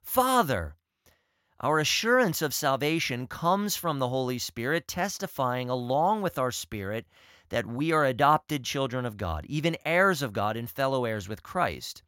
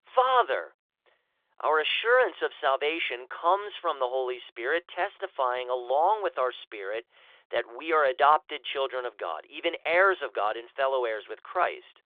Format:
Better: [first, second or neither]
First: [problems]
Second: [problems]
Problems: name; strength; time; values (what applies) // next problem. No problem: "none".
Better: first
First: none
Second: phone-call audio; nothing above 3.5 kHz